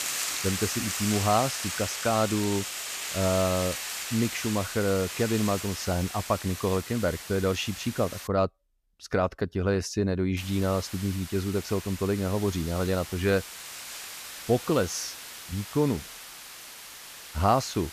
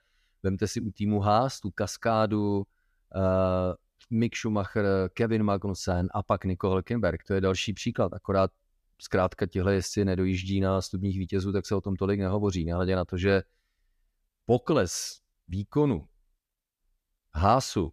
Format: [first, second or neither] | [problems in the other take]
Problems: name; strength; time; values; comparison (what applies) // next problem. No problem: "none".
second | hiss; loud; until 8.5 s and from 10 s on; 7 dB below the speech